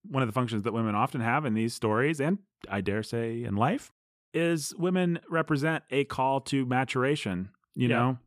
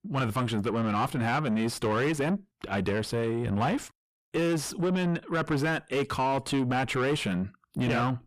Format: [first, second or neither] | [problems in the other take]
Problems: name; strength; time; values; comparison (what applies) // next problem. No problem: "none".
first | distortion; heavy; 7 dB below the speech